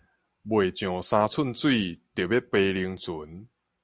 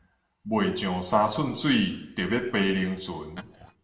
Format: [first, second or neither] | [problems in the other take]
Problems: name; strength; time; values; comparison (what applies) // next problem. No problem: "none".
first | background sound (Glass); 19 dB below the speech // room echo; dies away in 0.7 s